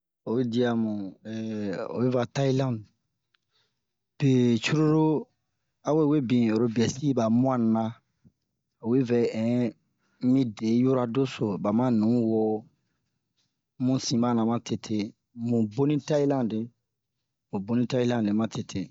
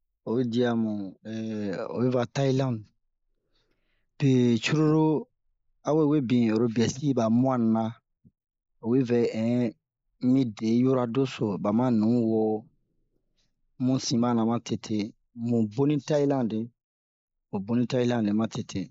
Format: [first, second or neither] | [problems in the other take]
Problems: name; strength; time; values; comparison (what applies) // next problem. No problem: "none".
first | noise reduction (neural mask model Resemble Enhance denoiser)